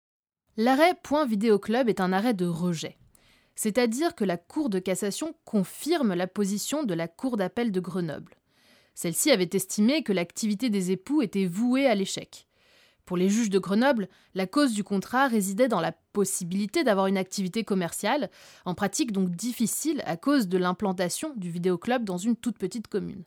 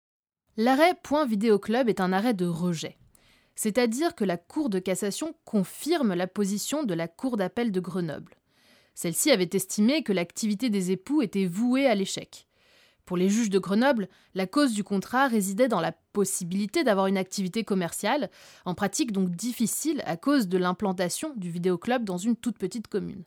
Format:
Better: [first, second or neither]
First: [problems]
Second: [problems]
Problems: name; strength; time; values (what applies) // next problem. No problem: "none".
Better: neither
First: none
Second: none